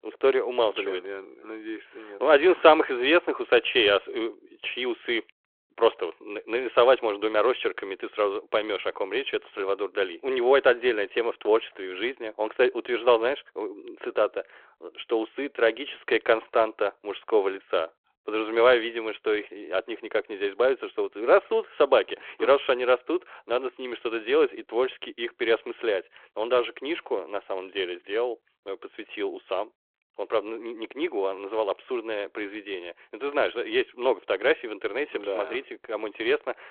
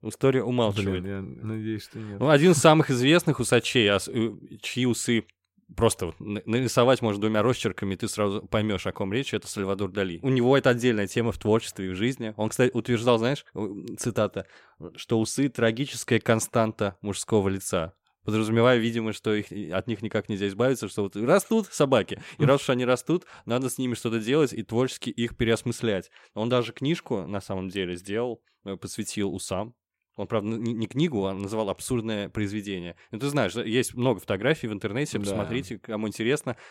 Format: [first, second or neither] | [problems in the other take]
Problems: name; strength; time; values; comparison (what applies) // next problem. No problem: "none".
second | phone-call audio